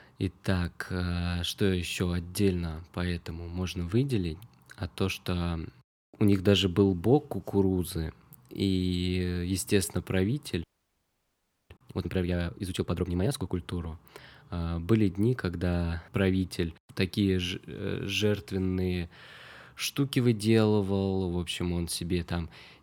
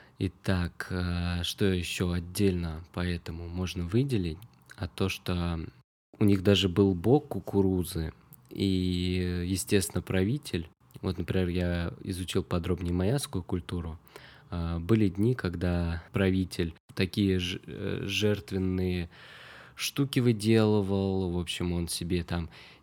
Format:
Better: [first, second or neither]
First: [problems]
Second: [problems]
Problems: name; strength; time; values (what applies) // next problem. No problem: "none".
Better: second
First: audio freezing; at 11 s for 1 s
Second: none